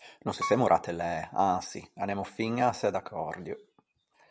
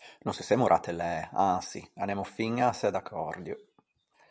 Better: second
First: background sound (Piano); 11 dB below the speech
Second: none

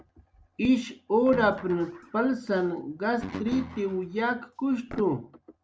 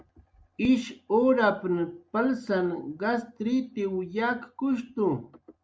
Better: second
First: background sound (Guitar); 14 dB below the speech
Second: none

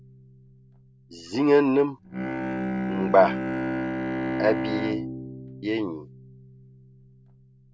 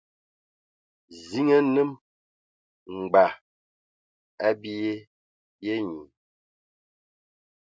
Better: second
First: background sound (Bowed string instrument); 5 dB below the speech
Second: none

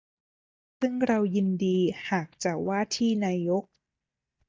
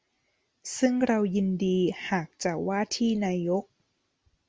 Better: second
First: noise reduction (neural mask model DeepFilterNet 3)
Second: none

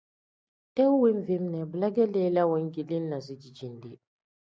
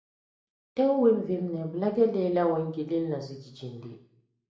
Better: first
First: none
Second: room echo; dies away in 0.6 s

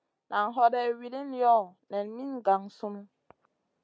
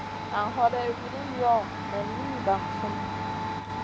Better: first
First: none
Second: background sound (Domestic sounds, home sounds); 3 dB below the speech

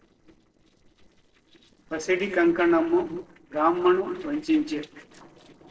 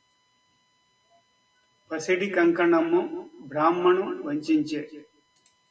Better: second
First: noise reduction (neural separator model SepFormer DNS4)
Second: none

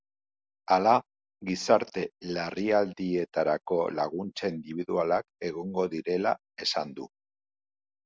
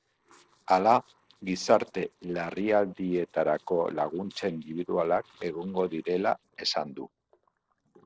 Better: first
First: none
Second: noise reduction (neural separator model SepFormer DNS4)

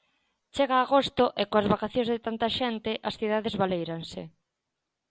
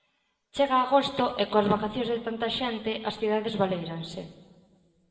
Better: first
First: none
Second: room echo; dies away in 1.2 s

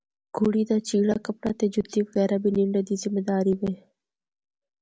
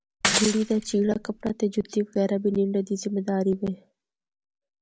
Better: first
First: none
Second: background sound (Shatter / Crushing); 2 dB below the speech

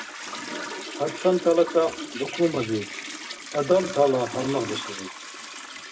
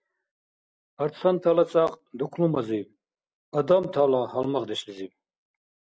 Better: second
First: background sound (Toilet flush); 10 dB below the speech // room echo; dies away in 0.2 s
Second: none

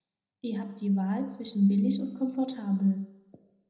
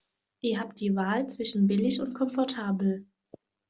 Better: second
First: room echo; dies away in 0.7 s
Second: none

